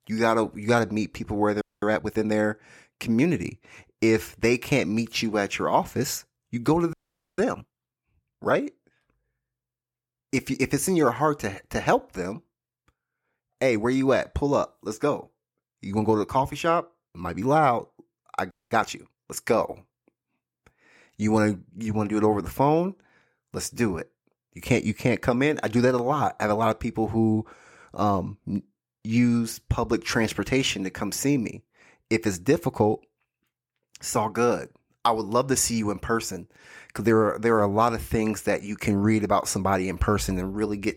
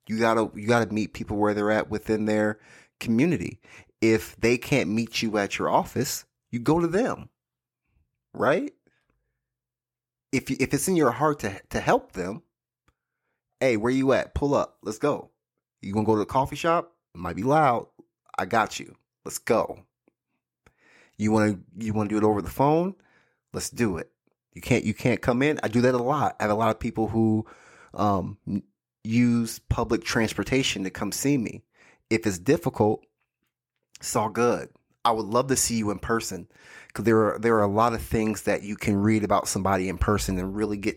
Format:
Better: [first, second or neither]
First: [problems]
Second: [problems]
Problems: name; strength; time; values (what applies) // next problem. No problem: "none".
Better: second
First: audio freezing; at 1.5 s, at 7 s and at 19 s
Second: none